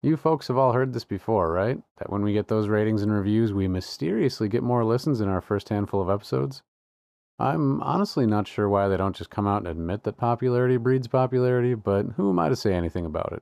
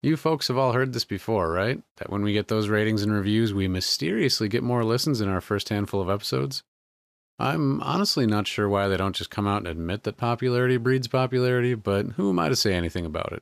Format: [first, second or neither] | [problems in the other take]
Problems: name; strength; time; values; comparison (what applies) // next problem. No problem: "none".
second | muffled; slightly; fading above 1.5 kHz